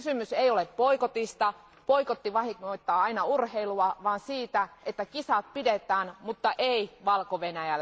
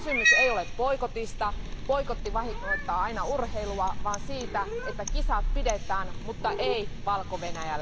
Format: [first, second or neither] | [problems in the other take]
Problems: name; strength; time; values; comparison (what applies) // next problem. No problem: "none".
first | background sound (Cat); 1 dB above the speech